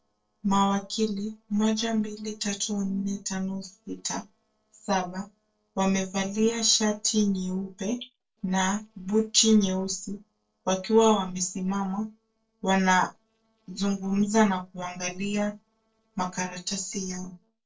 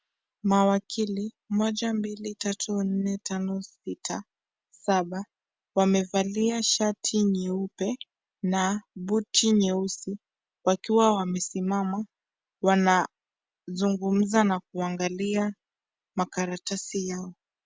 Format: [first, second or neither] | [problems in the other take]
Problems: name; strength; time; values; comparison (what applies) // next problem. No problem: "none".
second | noise reduction (neural separator model SepFormer DNS4)